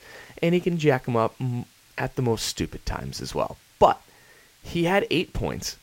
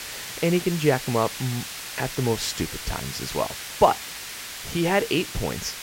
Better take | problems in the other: first | hiss; loud; throughout; 8 dB below the speech; faint in the first

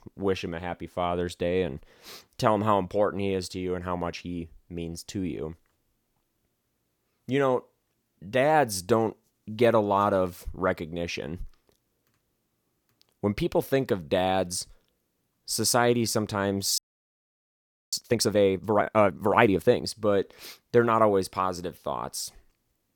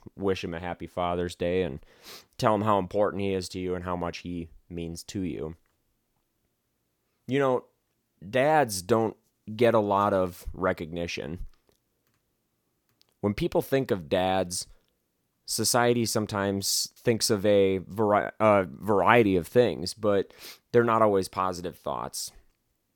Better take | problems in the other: second | audio freezing; at 17 s for 1 s

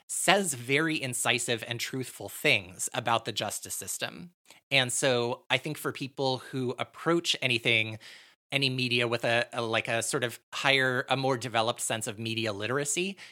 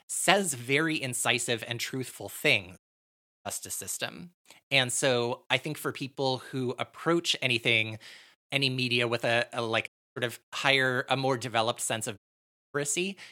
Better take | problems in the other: first | audio cutting out; at 3 s for 0.5 s, at 10 s and at 12 s for 0.5 s

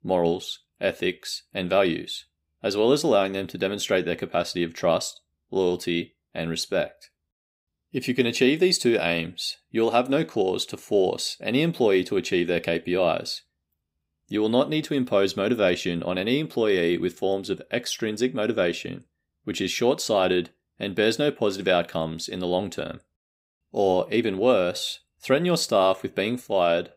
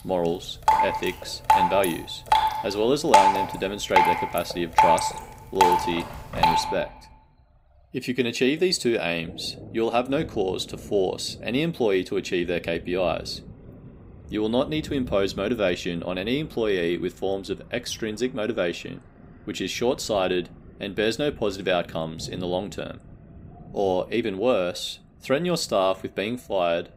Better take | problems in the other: first | rain or running water; very loud; throughout; 3 dB above the speech

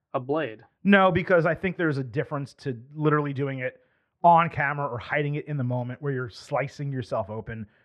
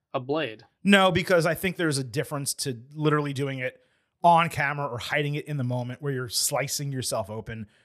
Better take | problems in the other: second | muffled; very; fading above 1.5 kHz

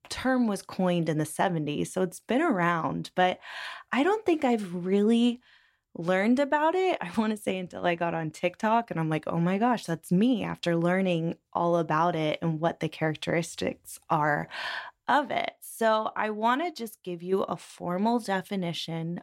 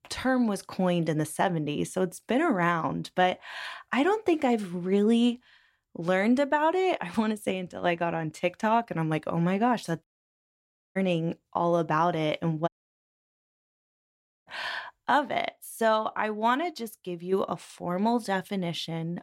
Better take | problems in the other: first | audio cutting out; at 10 s for 1 s and at 13 s for 2 s

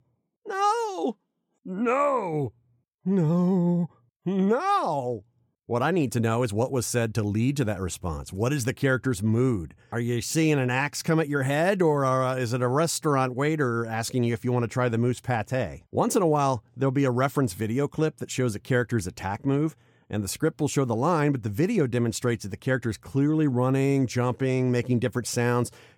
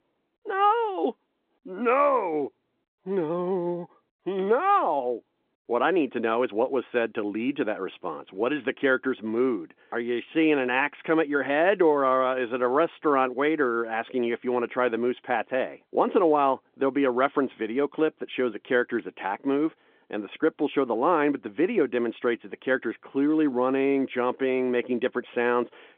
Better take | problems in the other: first | phone-call audio; nothing above 3.5 kHz

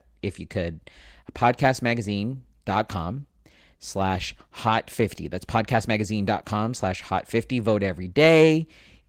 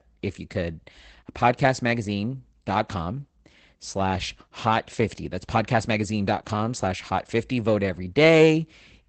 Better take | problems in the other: first | garbled, watery; badly; nothing above 8 kHz; slightly in the first

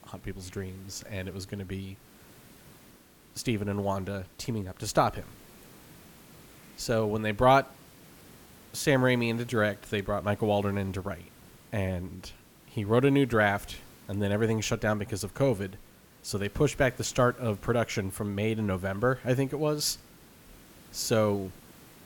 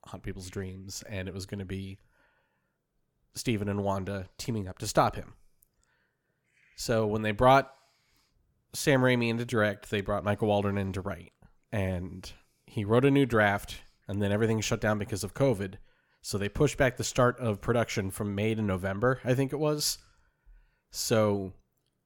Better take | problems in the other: second | hiss; faint; throughout; 25 dB below the speech

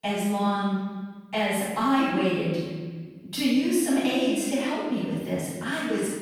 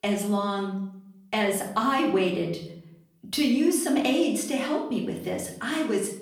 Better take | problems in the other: second | room echo; strong; dies away in 1.6 s; slight in the second // off-mic speech; far; far in the second

